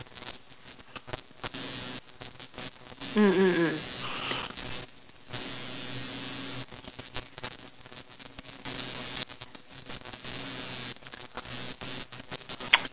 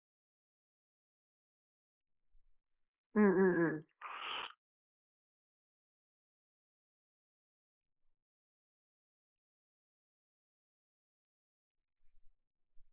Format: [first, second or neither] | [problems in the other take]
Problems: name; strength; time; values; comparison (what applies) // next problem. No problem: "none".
first | noise reduction (neural mask model Resemble Enhance denoiser)